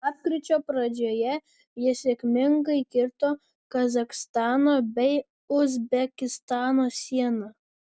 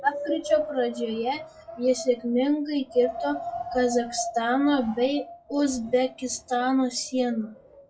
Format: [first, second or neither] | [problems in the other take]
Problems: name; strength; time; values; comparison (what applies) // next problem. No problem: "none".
first | noise reduction (classical method WPE with log-MMSE)